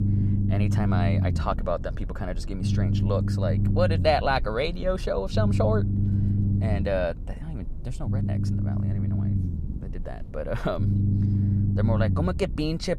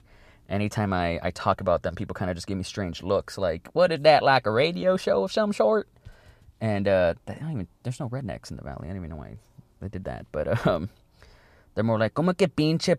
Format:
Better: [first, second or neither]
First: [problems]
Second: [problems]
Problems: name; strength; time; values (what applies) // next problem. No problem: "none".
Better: second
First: low rumble; loud; throughout; 8 dB below the speech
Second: none